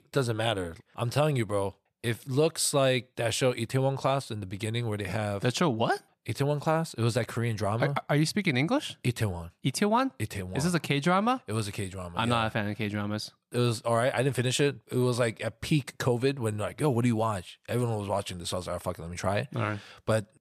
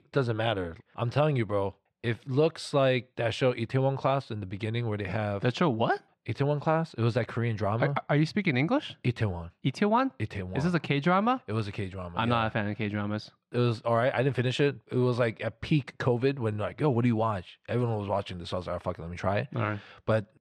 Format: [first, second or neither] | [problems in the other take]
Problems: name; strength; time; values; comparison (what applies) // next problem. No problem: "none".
first | muffled; slightly; fading above 3 kHz